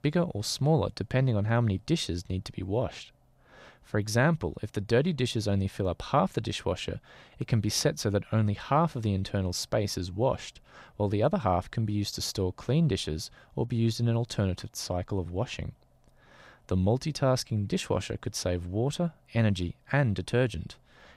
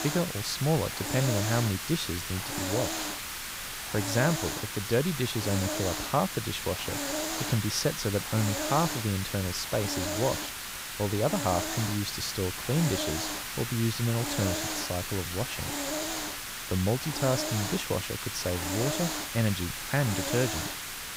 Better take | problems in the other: first | hiss; loud; throughout; 2 dB below the speech

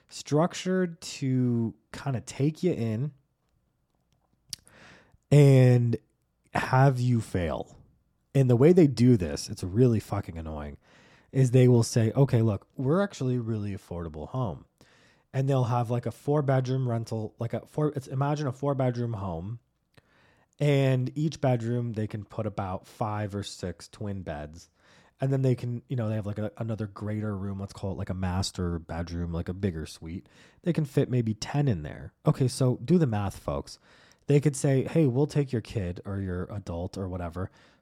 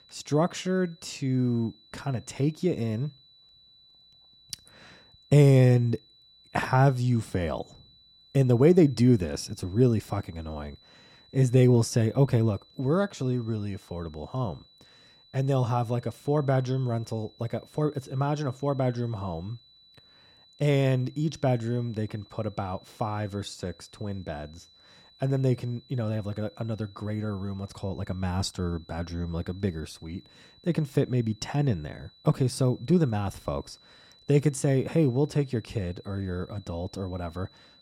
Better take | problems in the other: first | high-pitched whine; faint; throughout; 4 kHz, 30 dB below the speech

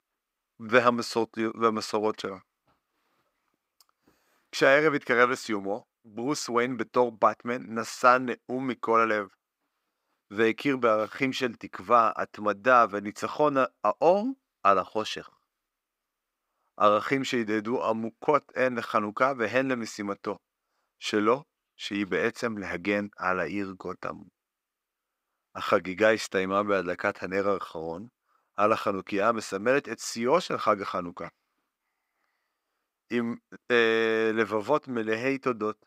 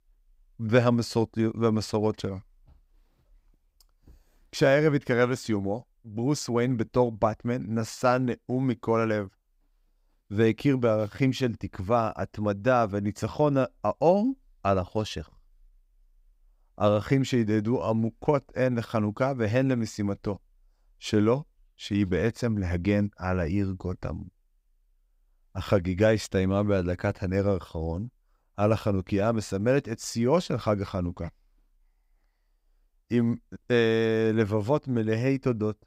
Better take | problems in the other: second | thin; somewhat; fading below 300 Hz

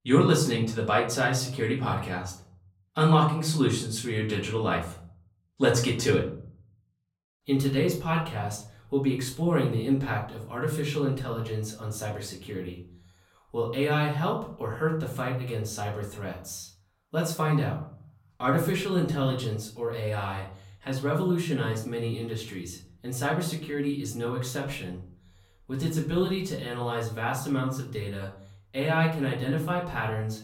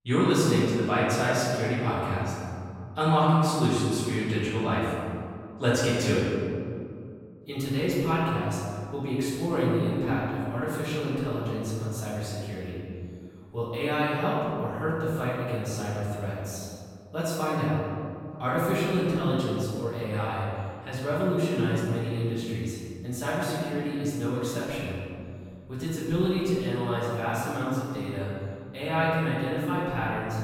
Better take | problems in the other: first | room echo; strong; dies away in 2.2 s; slight in the first // off-mic speech; far; far in the first

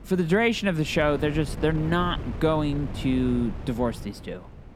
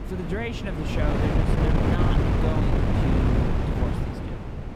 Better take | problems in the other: first | wind noise on the microphone; heavy; 4 dB above the speech; occasional gusts in the first

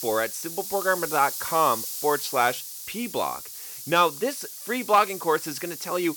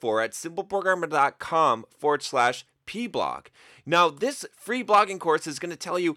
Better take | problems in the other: second | hiss; loud; throughout; 8 dB below the speech

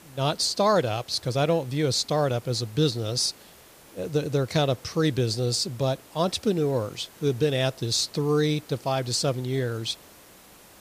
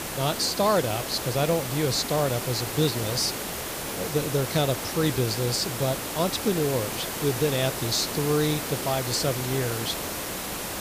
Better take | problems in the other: first | hiss; loud; throughout; 4 dB below the speech; faint in the first

